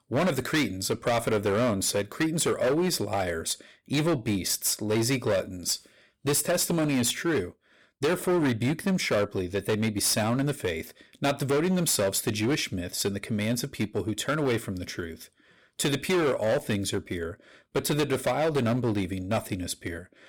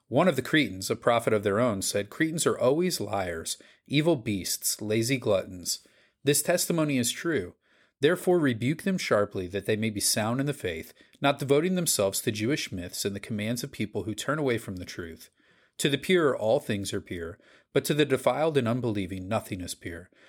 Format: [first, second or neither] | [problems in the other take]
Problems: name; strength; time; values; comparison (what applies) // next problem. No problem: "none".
second | distortion; heavy; 12% of the sound clipped